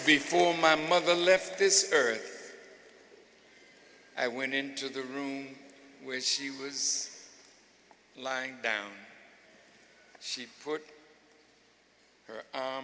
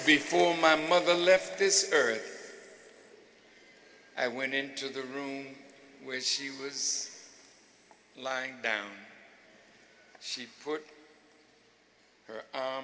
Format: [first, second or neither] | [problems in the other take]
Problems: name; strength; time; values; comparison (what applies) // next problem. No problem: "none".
first | room echo; dies away in 2.1 s